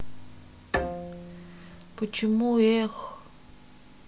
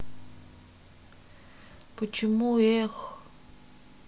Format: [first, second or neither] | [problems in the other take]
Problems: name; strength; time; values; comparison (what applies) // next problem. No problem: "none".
second | background sound (Bowed string instrument); 9 dB below the speech